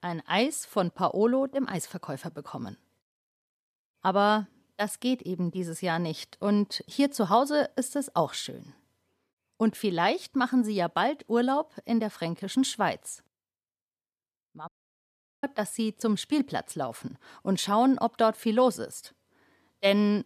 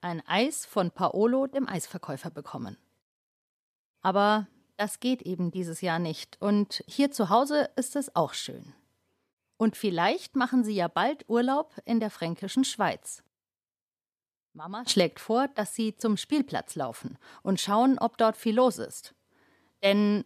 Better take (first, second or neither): second